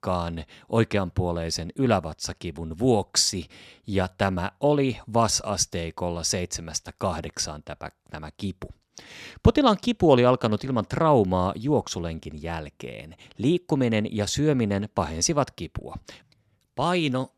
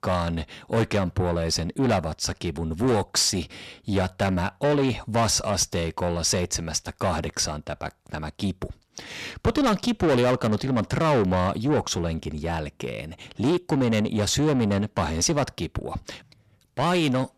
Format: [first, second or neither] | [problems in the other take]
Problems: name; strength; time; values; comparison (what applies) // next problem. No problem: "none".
first | distortion; heavy; 7 dB below the speech